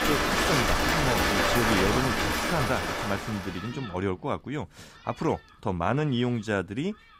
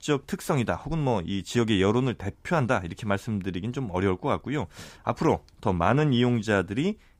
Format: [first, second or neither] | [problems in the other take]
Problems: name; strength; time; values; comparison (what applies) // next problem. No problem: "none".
second | rain or running water; very loud; throughout; 4 dB above the speech